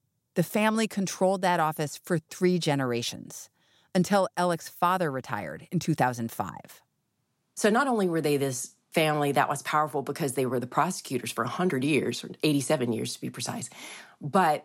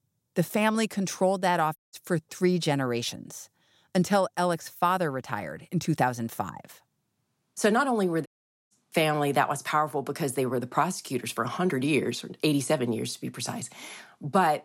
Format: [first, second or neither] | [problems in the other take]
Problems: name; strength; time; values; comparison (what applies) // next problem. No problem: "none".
first | audio cutting out; at 2 s and at 8.5 s